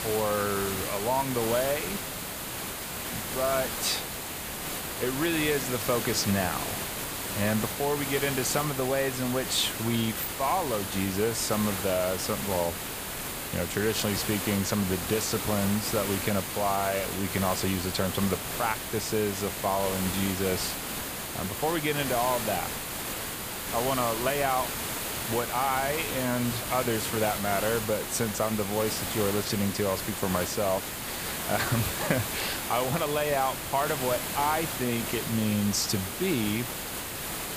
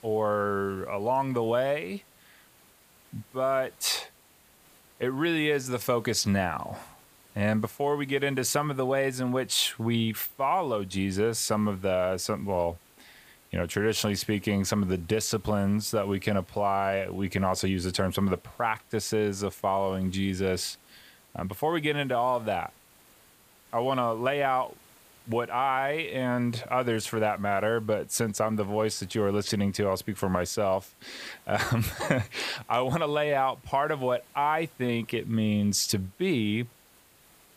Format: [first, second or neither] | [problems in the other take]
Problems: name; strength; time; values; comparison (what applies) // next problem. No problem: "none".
second | hiss; loud; throughout; 3 dB below the speech; faint in the second